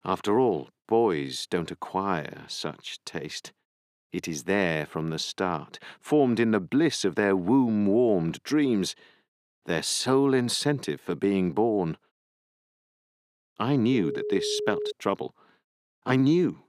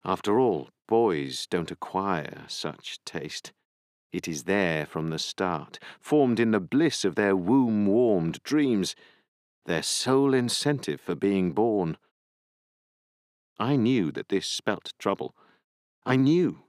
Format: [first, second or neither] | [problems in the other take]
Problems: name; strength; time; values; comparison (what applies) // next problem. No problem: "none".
second | phone ringing; noticeable; from 14 to 15 s; peak 5 dB below the speech